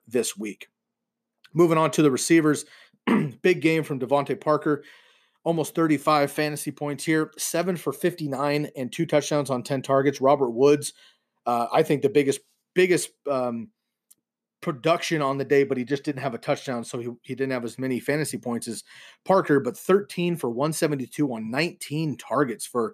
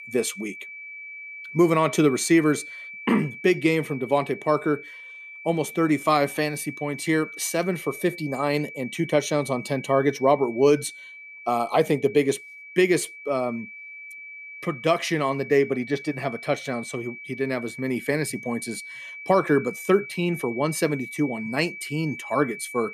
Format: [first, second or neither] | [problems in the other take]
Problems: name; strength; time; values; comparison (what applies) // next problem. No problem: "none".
first | high-pitched whine; noticeable; throughout; 2.5 kHz, 15 dB below the speech